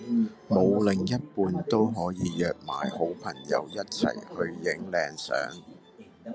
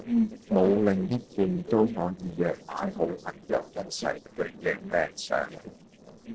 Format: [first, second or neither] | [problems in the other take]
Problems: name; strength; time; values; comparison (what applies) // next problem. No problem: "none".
first | noise reduction (neural separator model SepFormer DNS4)